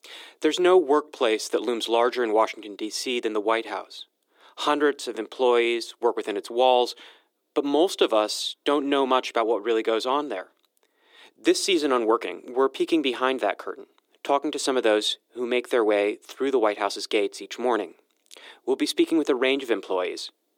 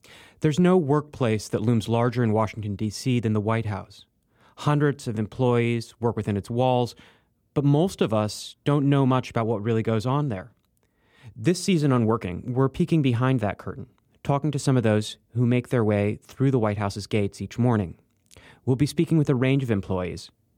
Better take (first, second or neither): second